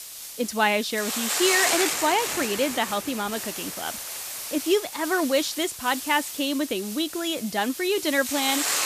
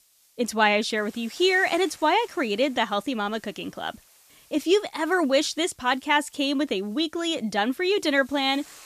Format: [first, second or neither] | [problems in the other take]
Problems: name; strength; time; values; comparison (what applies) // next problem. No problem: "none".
second | hiss; loud; throughout; 4 dB below the speech; faint in the second